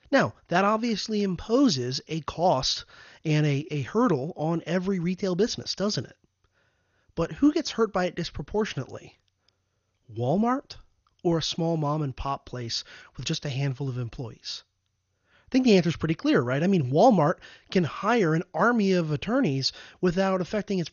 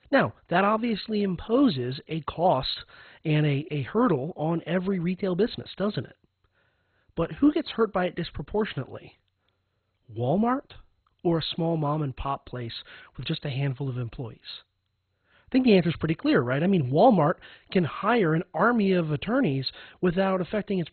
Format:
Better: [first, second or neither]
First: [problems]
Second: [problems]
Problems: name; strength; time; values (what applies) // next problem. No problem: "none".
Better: first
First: garbled, watery; slightly; nothing above 6.5 kHz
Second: garbled, watery; badly; nothing above 4 kHz